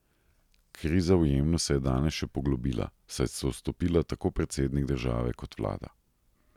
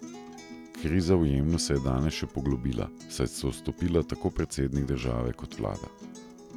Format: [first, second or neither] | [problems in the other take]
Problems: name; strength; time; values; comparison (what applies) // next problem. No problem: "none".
first | background sound (Acoustic guitar); 15 dB below the speech